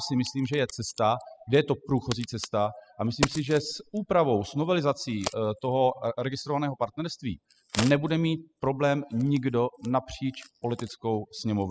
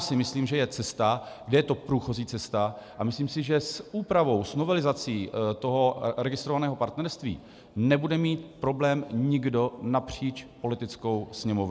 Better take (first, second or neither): second